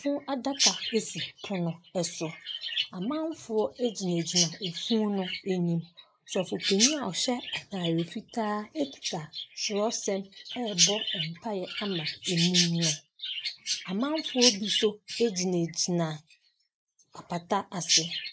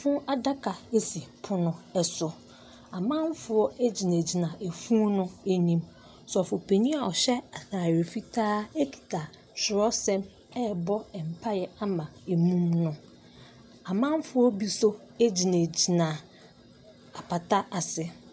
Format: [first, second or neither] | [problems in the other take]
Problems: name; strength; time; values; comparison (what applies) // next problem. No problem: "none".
second | noise reduction (neural mask model Resemble Enhance denoiser)